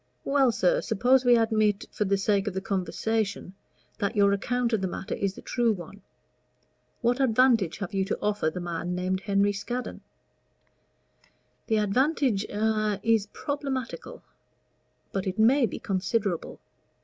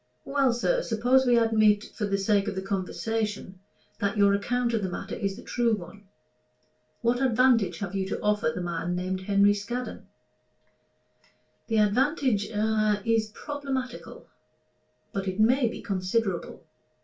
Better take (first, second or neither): first